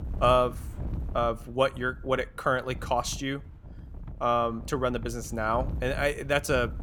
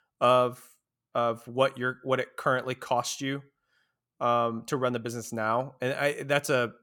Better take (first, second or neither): second